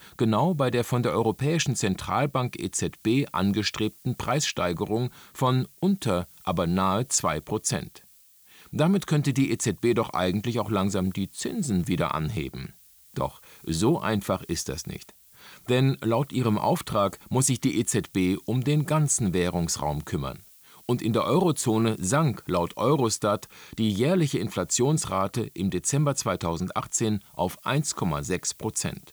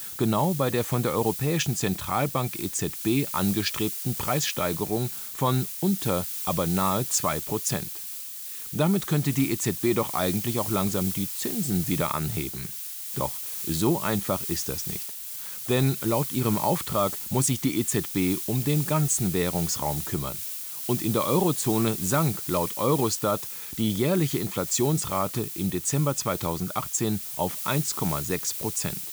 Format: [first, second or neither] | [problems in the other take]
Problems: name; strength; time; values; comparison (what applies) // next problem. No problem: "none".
first | hiss; loud; throughout; 5 dB below the speech; faint in the first